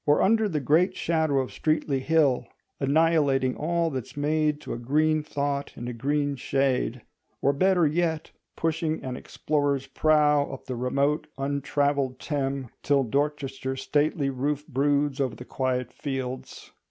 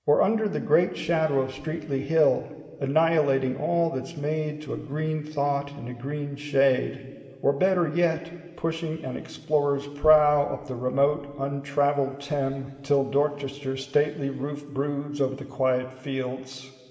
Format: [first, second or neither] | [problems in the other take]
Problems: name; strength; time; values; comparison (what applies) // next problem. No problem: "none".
first | room echo; dies away in 2.6 s